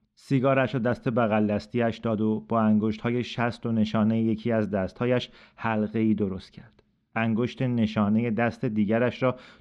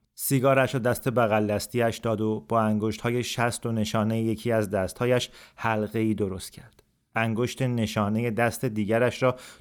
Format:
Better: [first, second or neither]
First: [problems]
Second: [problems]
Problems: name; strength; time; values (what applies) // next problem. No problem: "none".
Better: second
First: muffled; slightly; fading above 4 kHz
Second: none